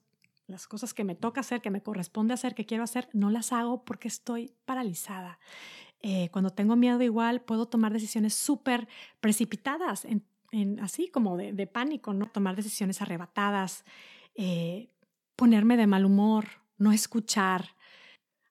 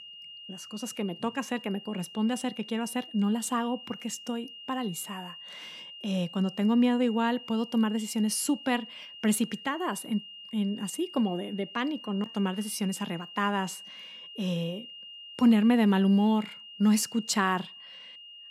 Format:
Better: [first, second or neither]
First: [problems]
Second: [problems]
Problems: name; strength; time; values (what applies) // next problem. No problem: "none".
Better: first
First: none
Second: high-pitched whine; noticeable; throughout; 3 kHz, 15 dB below the speech